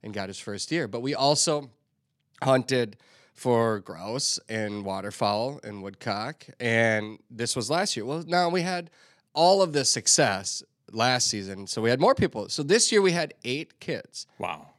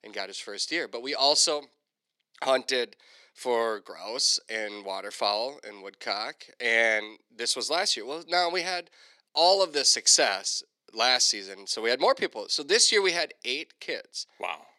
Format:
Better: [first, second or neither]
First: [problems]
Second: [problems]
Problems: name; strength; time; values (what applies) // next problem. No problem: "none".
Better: first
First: none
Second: thin; somewhat; fading below 350 Hz